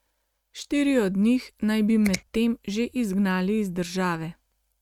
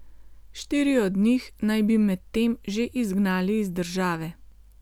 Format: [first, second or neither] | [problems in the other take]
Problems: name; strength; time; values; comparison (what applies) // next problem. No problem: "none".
second | noise reduction (neural mask model RNNoise)